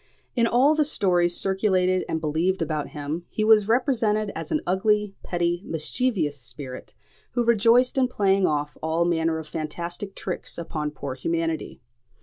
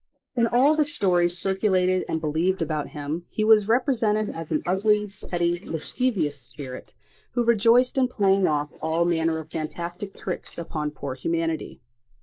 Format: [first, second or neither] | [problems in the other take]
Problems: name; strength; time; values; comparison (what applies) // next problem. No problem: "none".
first | noise reduction (neural mask model Resemble Enhance denoiser)